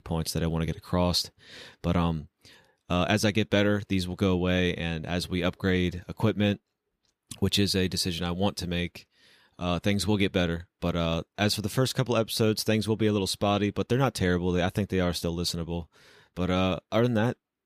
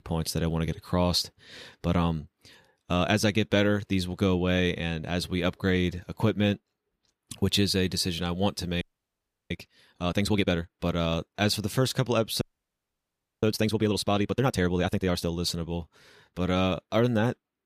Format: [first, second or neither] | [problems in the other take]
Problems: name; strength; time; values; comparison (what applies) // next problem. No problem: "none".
first | audio freezing; at 9 s for 0.5 s and at 12 s for 1 s